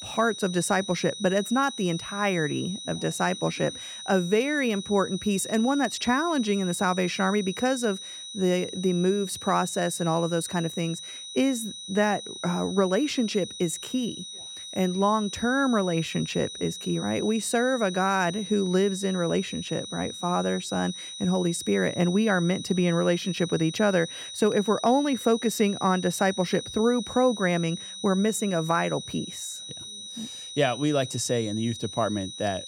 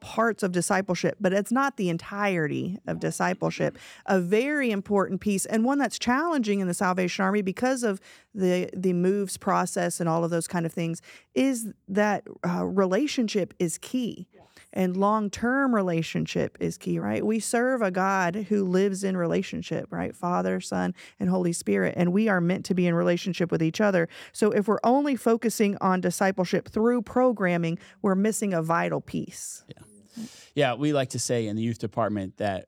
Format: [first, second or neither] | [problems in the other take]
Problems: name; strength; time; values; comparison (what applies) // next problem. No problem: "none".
second | high-pitched whine; noticeable; throughout; 4 kHz, 10 dB below the speech